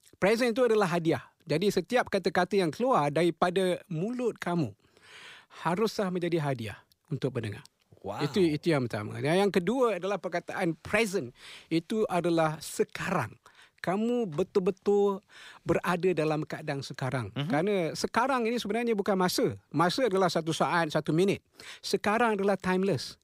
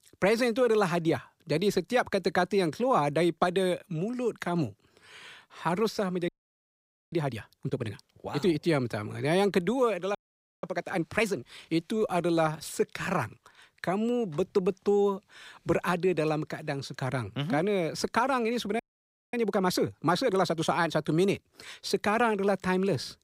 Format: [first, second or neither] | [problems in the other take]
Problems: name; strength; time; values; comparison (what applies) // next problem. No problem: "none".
first | audio freezing; at 6.5 s for 1 s, at 10 s and at 19 s for 0.5 s